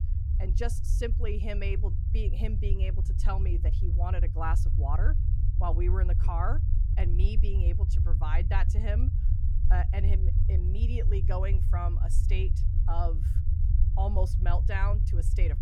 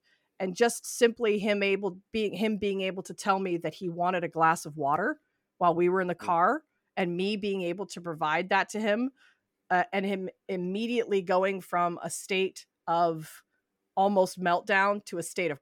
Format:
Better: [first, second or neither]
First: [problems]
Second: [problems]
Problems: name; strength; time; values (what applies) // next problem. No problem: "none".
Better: second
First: low rumble; loud; throughout; 7 dB below the speech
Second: none